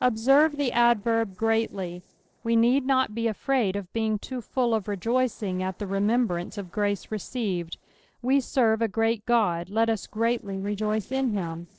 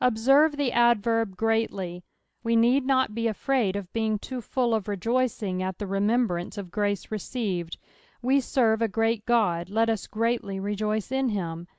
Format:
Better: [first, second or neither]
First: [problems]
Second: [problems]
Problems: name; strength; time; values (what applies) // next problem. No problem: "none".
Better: second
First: noise reduction (neural separator model SepFormer DNS4)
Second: none